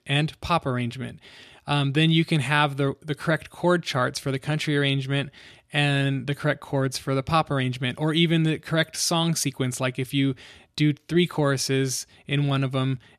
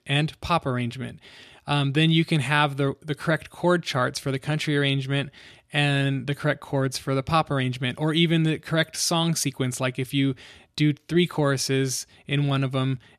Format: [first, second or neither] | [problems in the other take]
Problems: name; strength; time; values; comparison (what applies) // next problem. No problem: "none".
neither | none